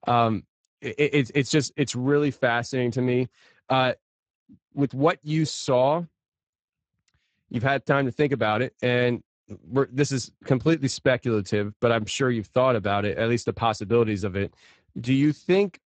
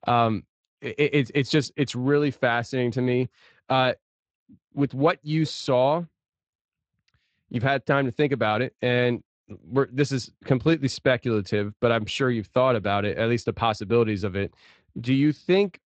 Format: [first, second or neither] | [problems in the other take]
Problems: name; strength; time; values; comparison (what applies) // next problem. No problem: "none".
second | garbled, watery; badly; nothing above 8 kHz; slightly in the second